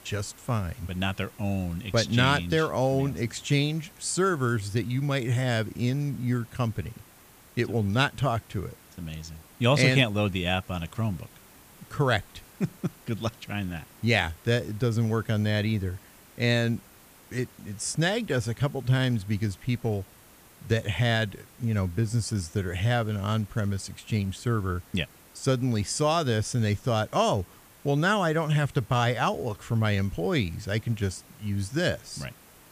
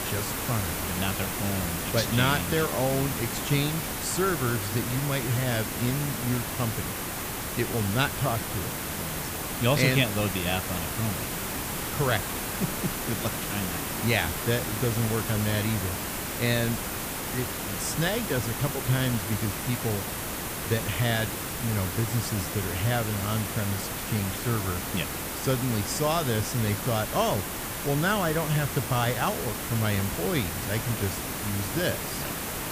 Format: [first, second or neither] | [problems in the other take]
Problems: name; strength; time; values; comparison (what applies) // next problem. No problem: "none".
first | hiss; loud; throughout; 2 dB below the speech; faint in the first